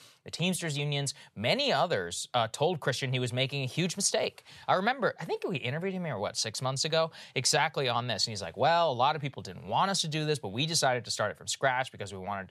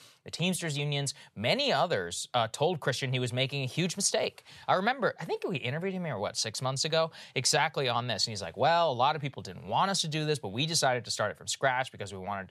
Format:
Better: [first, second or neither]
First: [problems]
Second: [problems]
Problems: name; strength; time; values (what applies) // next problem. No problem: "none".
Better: neither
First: none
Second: none